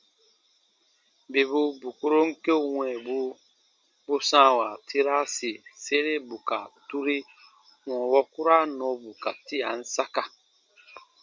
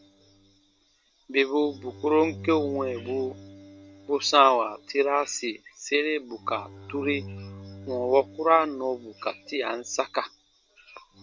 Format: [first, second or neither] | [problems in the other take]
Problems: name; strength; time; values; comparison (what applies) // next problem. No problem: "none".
first | background sound (Bowed string instrument); 19 dB below the speech